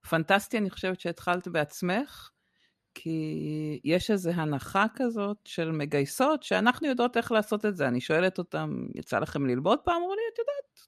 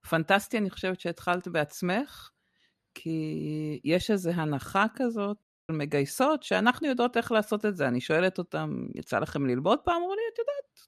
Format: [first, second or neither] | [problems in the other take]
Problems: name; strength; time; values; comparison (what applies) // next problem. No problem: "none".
first | audio cutting out; at 5.5 s